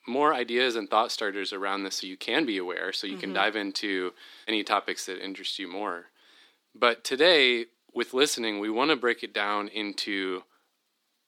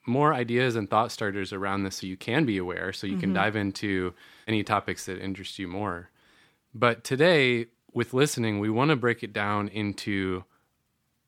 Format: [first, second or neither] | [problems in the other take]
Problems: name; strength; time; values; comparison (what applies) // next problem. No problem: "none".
second | thin; somewhat; fading below 300 Hz